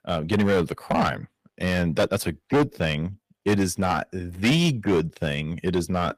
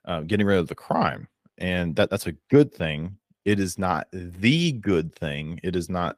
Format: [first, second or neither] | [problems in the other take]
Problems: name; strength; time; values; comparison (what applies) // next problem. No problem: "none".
second | distortion; heavy; 7% of the sound clipped